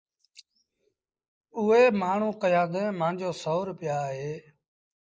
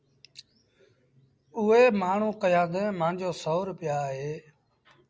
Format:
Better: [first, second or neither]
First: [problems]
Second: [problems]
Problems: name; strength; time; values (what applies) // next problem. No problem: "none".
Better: second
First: noise reduction (neural mask model Resemble Enhance denoiser)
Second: none